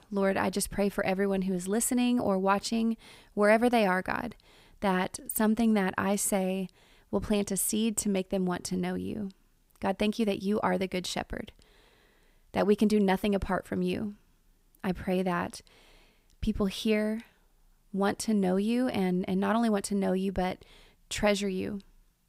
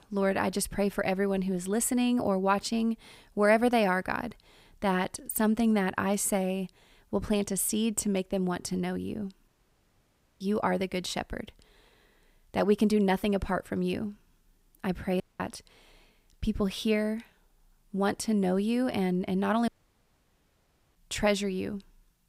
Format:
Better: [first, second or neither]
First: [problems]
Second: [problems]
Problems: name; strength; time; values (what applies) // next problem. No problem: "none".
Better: first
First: none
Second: audio cutting out; at 9.5 s for 1 s, at 15 s and at 20 s for 1.5 s